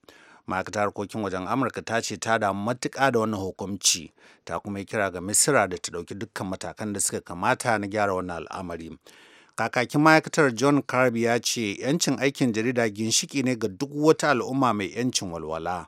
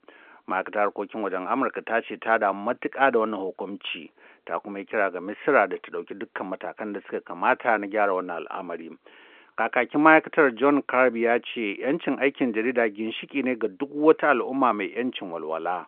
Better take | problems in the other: first | phone-call audio; nothing above 3.5 kHz

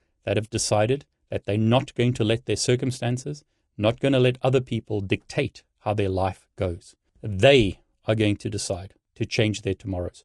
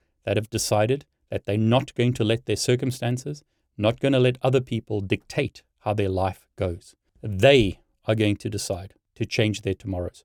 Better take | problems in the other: second | garbled, watery; slightly; nothing above 10.5 kHz

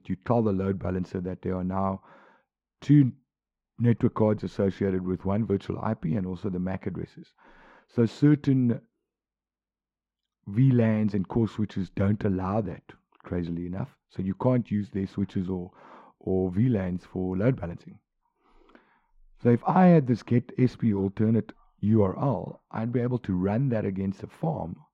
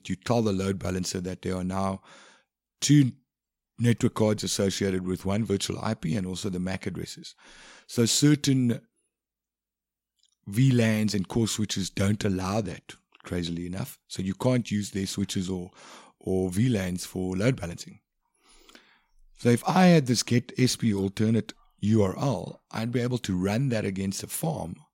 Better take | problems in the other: second | muffled; very; fading above 3.5 kHz

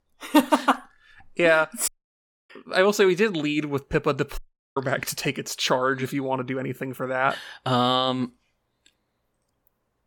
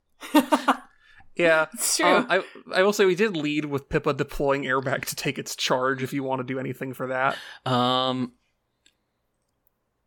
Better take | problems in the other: second | audio cutting out; at 2 s for 0.5 s and at 4.5 s

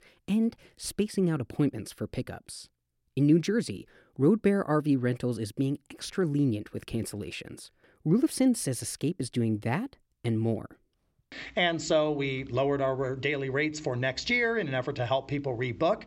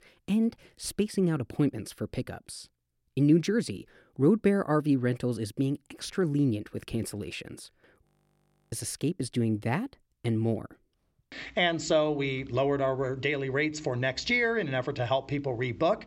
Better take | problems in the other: first | audio freezing; at 8 s for 0.5 s

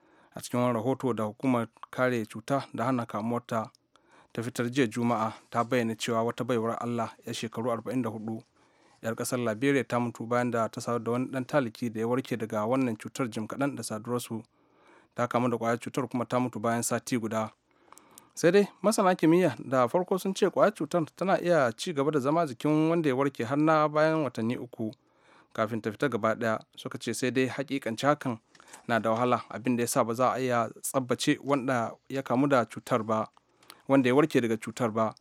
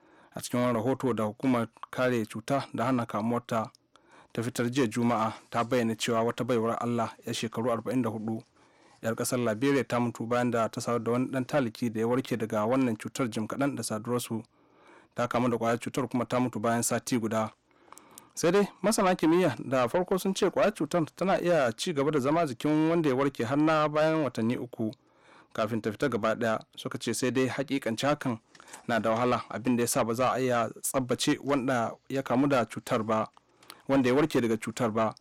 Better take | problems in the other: first | distortion; slight; 10 dB below the speech

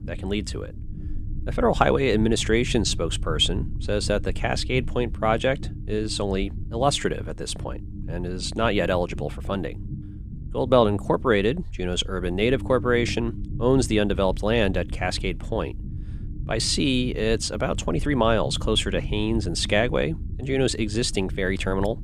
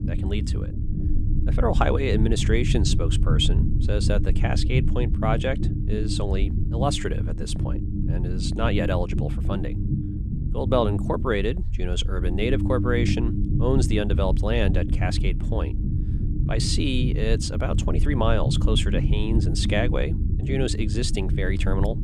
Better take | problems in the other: first | low rumble; loud; throughout; 8 dB below the speech; faint in the first

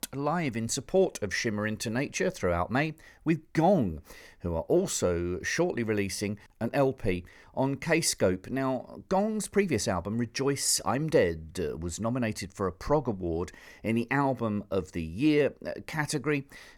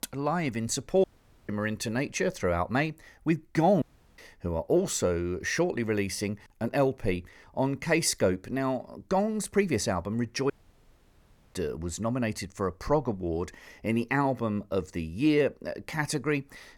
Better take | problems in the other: first | audio cutting out; at 1 s, at 4 s and at 11 s for 1 s

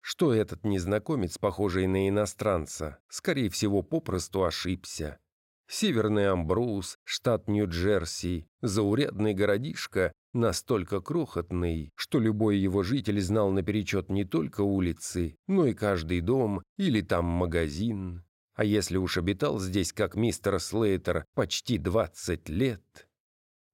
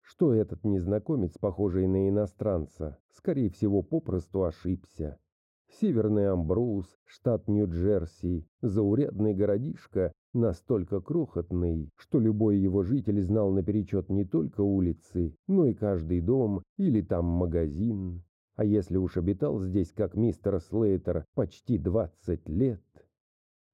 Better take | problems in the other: first | muffled; very; fading above 1 kHz

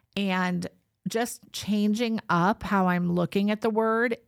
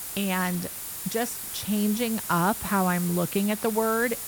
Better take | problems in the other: first | hiss; loud; throughout; 6 dB below the speech

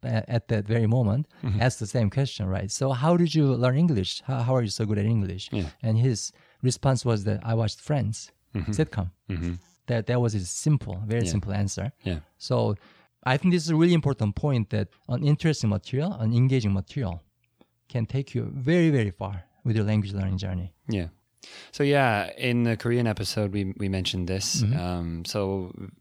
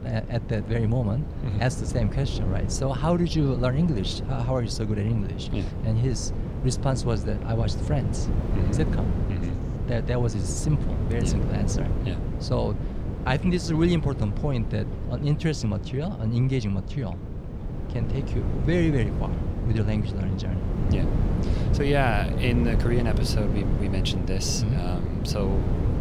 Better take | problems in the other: first | wind noise on the microphone; heavy; 6 dB below the speech

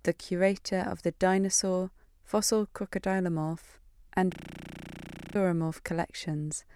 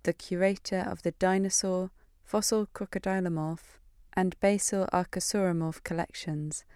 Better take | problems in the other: second | audio freezing; at 4.5 s for 1 s

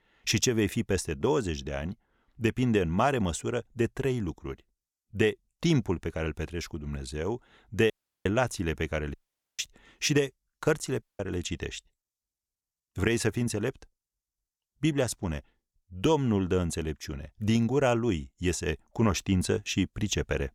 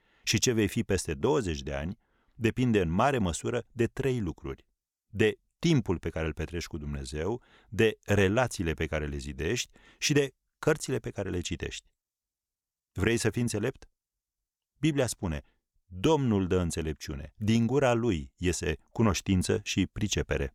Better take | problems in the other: second | audio cutting out; at 8 s, at 9 s and at 11 s

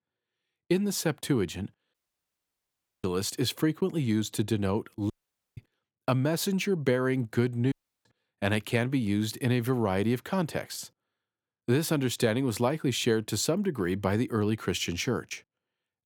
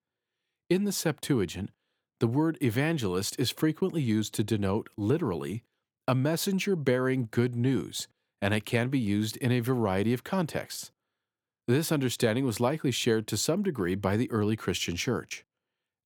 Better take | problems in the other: second | audio cutting out; at 2 s for 1 s, at 5 s and at 7.5 s

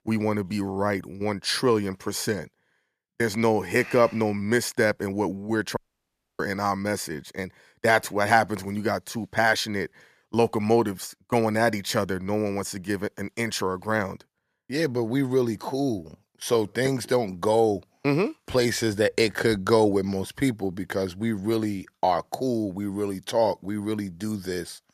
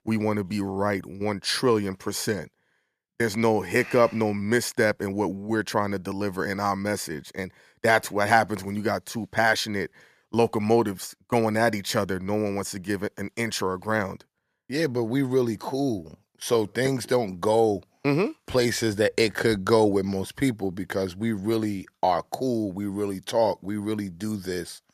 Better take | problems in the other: second | audio cutting out; at 6 s for 0.5 s

